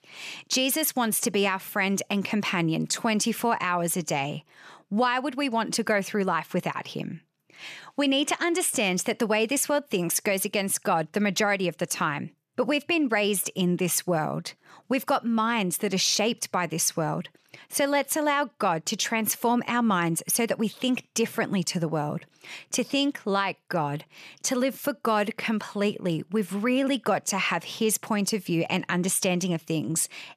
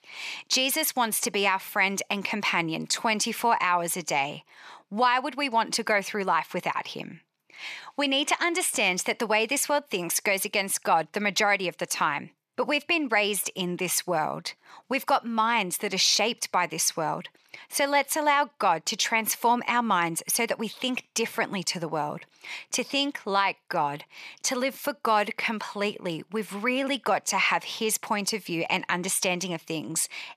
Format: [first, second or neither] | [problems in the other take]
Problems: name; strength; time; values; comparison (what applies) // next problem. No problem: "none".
first | thin; very slightly; fading below 600 Hz